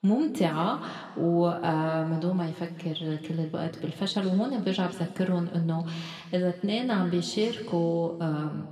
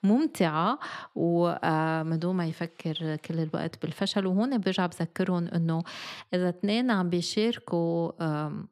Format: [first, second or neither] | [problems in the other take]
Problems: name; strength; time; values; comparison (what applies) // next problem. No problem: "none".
second | room echo; slight; dies away in 1.5 s // off-mic speech; somewhat distant